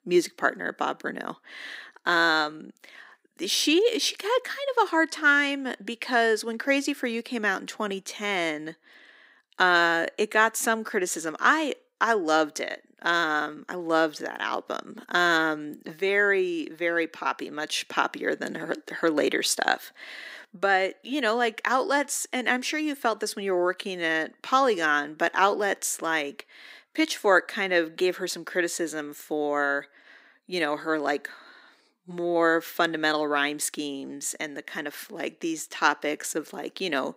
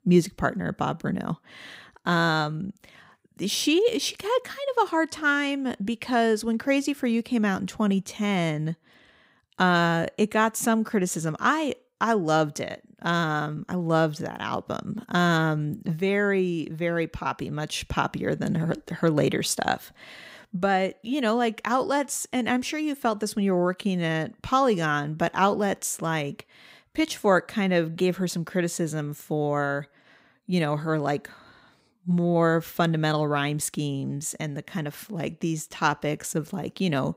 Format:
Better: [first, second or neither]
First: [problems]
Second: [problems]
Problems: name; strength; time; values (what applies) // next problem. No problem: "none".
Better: second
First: thin; somewhat; fading below 300 Hz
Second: none